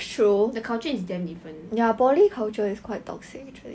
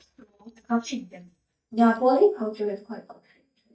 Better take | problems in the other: first | noise reduction (neural mask model DeepFilterNet 3)

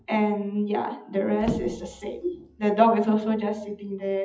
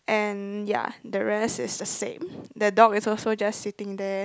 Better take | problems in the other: second | noise reduction (classical method WPE with log-MMSE)

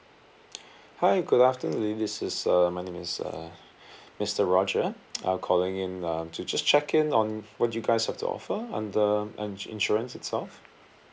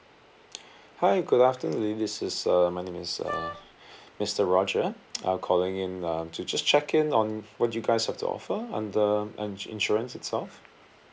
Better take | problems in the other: first | background sound (Wind instrument, woodwind instrument); 9 dB below the speech

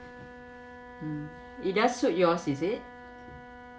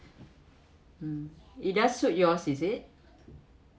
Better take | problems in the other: second | background sound (Wind instrument, woodwind instrument); 15 dB below the speech

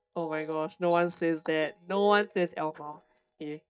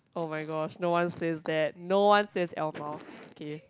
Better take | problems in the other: second | noise reduction (neural mask model DeepFilterNet 3)

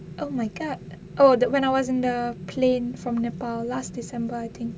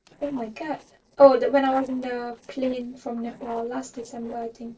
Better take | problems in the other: first | noise reduction (neural separator model SepFormer DNS4)

